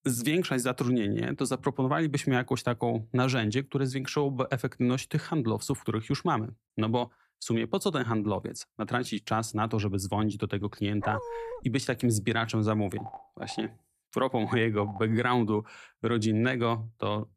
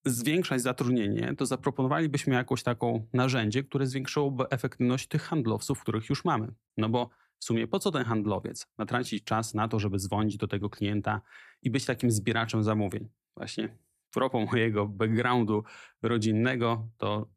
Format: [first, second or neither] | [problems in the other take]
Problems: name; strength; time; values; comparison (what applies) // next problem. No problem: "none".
second | dog barking; noticeable; at 11 s; peak 7 dB below the speech // phone ringing; faint; from 13 to 15 s; peak 15 dB below the speech